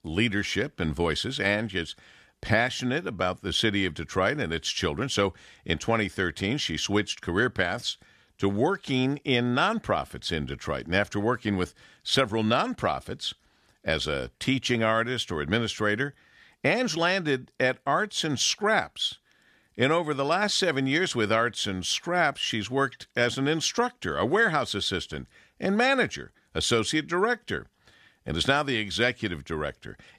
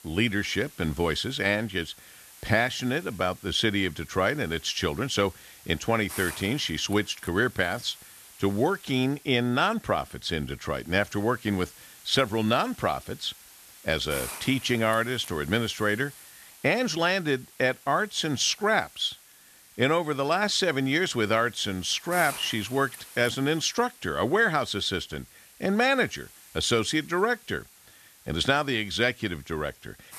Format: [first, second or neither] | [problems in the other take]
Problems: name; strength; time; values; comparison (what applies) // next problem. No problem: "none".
first | hiss; noticeable; throughout; 20 dB below the speech